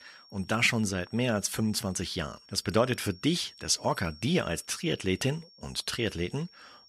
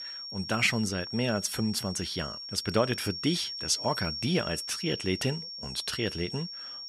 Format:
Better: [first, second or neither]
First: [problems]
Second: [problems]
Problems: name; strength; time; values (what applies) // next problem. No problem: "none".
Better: first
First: high-pitched whine; faint; throughout; 5.5 kHz, 25 dB below the speech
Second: high-pitched whine; loud; throughout; 5.5 kHz, 6 dB below the speech